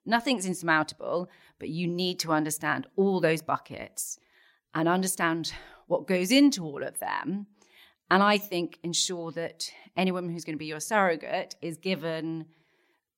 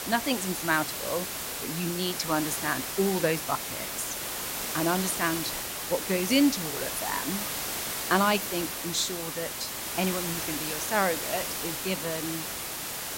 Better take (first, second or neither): first